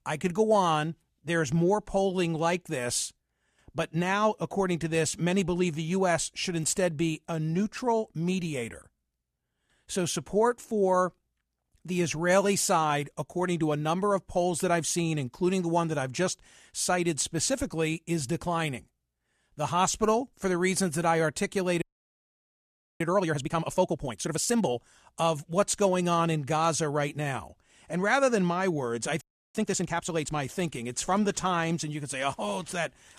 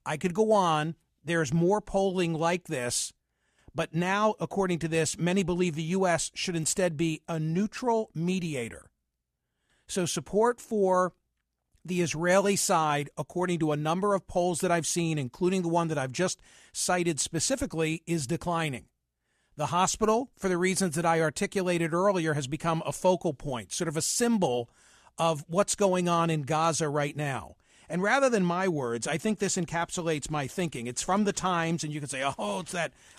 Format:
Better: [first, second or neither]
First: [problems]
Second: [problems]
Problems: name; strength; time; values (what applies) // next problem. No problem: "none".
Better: second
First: audio freezing; at 22 s for 1 s and at 29 s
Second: none